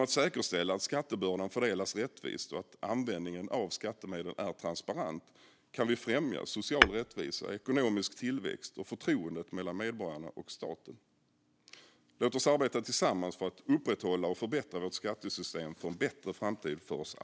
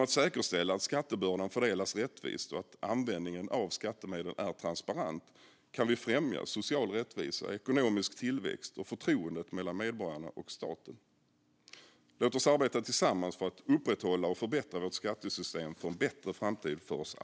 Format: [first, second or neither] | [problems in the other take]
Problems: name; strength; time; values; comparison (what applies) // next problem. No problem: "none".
second | background sound (Tap / Hammer); 3 dB above the speech